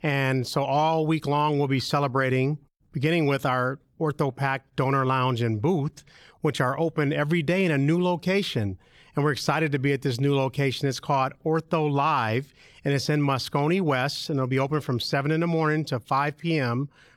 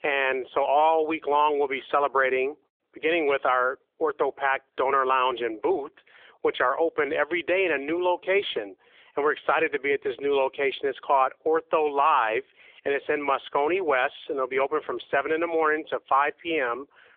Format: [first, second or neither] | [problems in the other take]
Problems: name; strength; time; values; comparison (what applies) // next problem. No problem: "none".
first | phone-call audio; nothing above 3.5 kHz